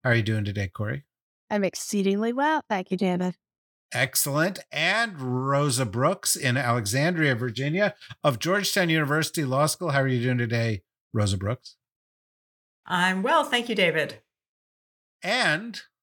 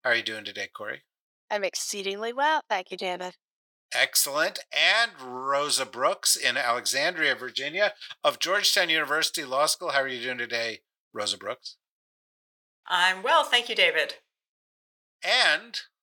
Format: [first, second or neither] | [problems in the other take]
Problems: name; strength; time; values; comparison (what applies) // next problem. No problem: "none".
first | thin; very; fading below 600 Hz